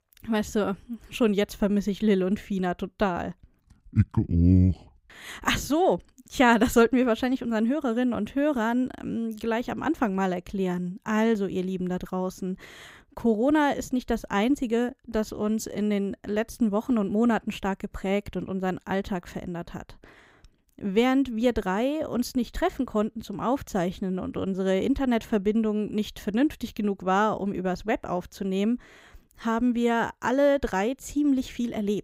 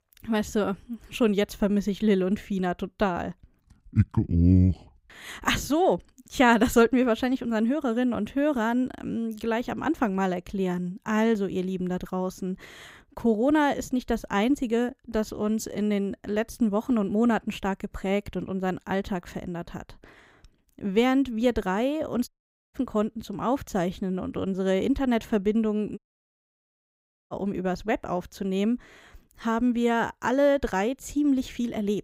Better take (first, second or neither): first